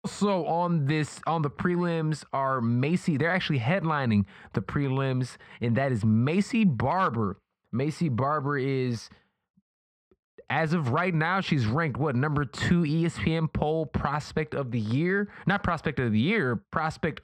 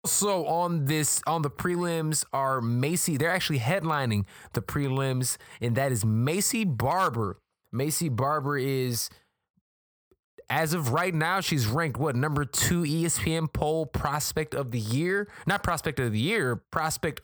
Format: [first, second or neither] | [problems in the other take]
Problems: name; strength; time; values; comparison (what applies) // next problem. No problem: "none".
second | muffled; slightly; fading above 3 kHz